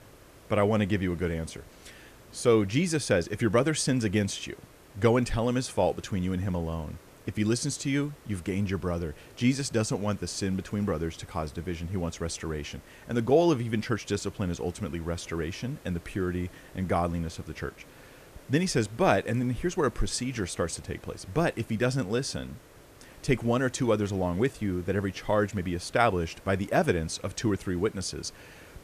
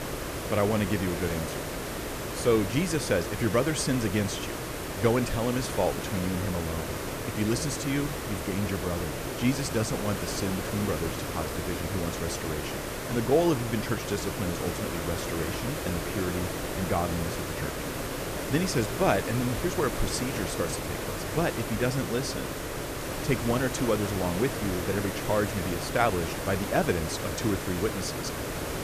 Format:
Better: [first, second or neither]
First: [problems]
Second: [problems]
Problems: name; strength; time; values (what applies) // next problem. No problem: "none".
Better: first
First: hiss; faint; throughout; 25 dB below the speech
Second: hiss; loud; throughout; 3 dB below the speech